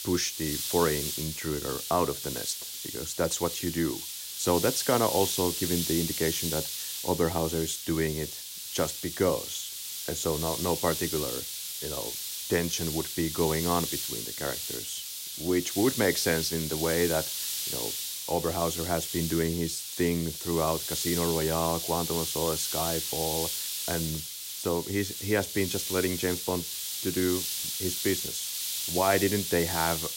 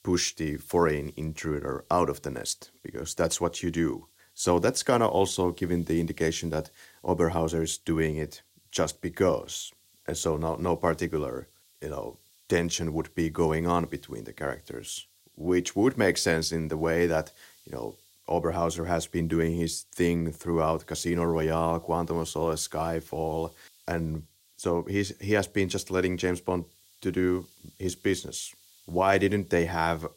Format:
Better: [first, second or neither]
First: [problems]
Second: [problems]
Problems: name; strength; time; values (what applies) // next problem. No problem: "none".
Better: second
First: hiss; loud; throughout; 2 dB below the speech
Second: hiss; faint; throughout; 30 dB below the speech